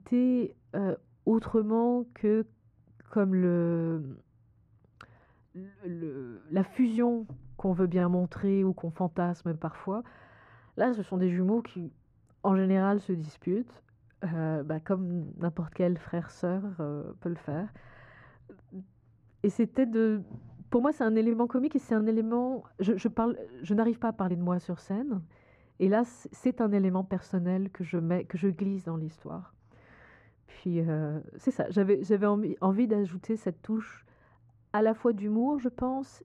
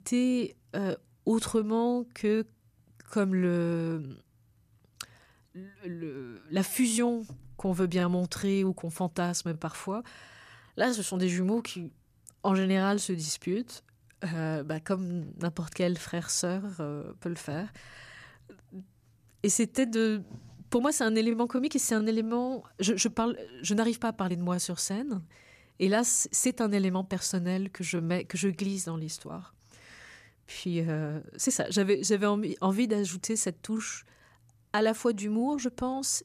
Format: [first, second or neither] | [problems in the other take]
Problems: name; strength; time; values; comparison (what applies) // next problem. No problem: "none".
second | muffled; very; fading above 3 kHz